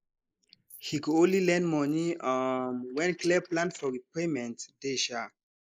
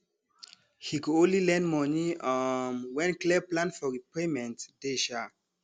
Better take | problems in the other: second | noise reduction (neural mask model Resemble Enhance denoiser)

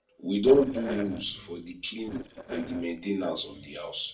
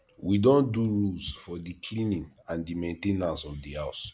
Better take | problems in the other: second | noise reduction (neural separator model SepFormer DNS4)

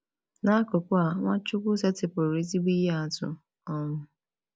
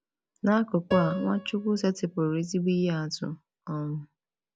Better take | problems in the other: first | background sound (Piano); 11 dB below the speech

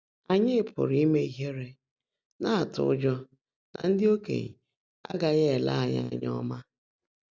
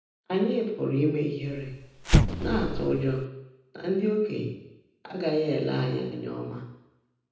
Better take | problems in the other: first | background sound (Explosion); 3 dB above the speech // room echo; dies away in 0.8 s

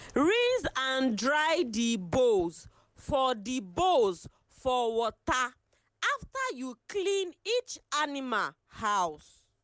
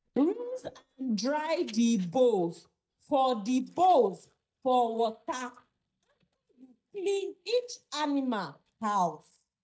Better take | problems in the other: first | noise reduction (neural mask model DeepFilterNet 3)

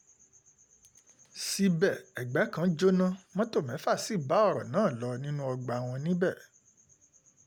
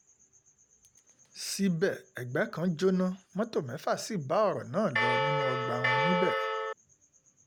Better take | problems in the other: first | background sound (Bell); 4 dB above the speech

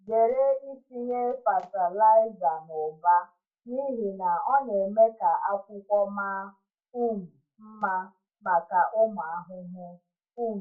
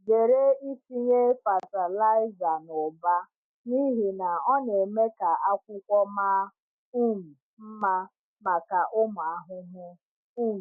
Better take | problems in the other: second | room echo; dies away in 0.2 s

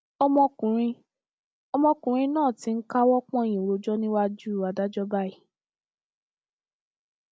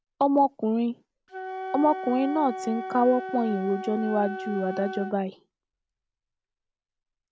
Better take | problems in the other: first | background sound (Wind instrument, woodwind instrument); 10 dB below the speech

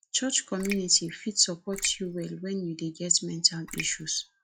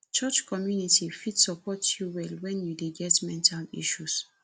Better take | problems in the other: second | noise reduction (classical method log-MMSE)

